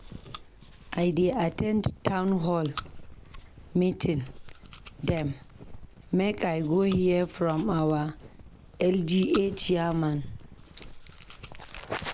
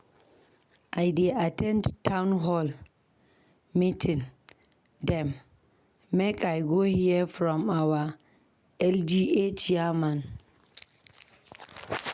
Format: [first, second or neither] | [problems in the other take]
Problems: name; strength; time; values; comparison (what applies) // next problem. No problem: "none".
second | background sound (Walk, footsteps + Chewing, mastication); 16 dB below the speech